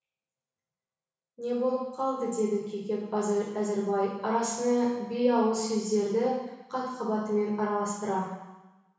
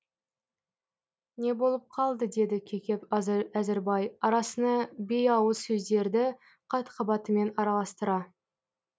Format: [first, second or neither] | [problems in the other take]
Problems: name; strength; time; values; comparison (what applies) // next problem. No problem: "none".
second | room echo; dies away in 1.1 s